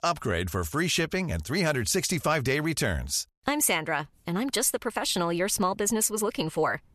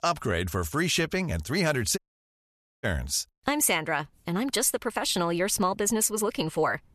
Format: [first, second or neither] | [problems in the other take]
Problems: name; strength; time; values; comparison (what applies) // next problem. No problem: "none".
first | audio cutting out; at 2 s for 1 s